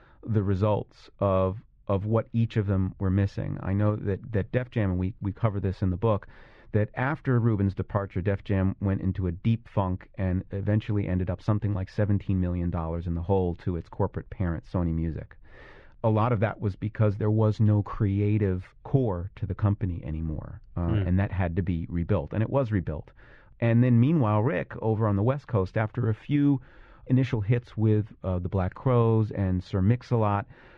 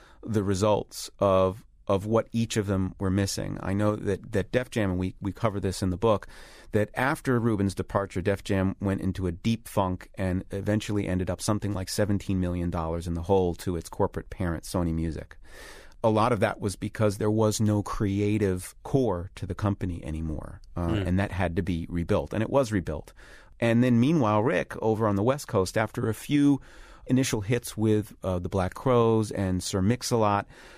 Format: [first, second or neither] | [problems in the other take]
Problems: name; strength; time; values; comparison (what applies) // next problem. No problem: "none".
second | muffled; very; fading above 3 kHz